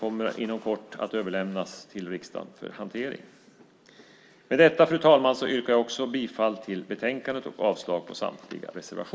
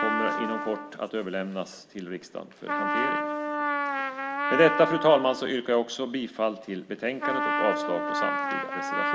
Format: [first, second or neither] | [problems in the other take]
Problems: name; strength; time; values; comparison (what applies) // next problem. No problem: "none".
first | background sound (Trumpet); 2 dB below the speech